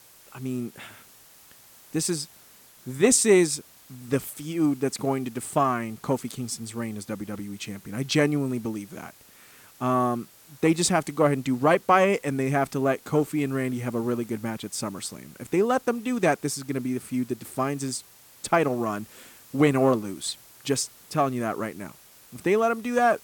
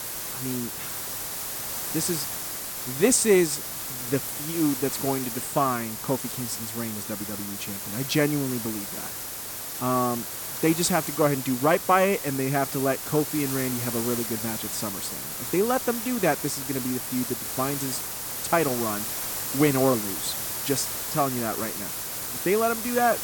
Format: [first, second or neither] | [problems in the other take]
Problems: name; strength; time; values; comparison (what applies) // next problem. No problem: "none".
first | hiss; loud; throughout; 4 dB below the speech; faint in the first